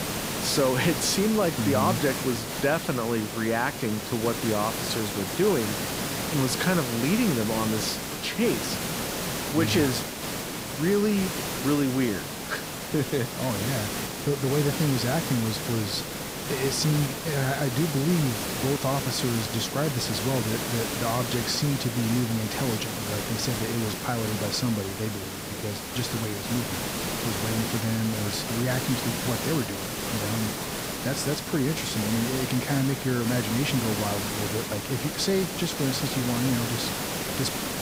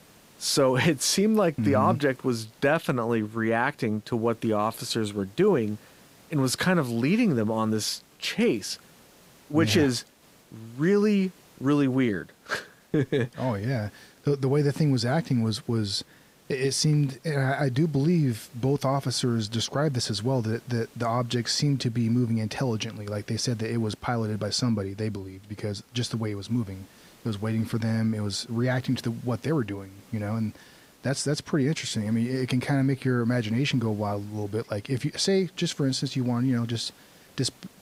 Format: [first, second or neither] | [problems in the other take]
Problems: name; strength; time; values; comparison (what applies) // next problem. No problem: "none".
second | hiss; loud; throughout; 2 dB below the speech; faint in the second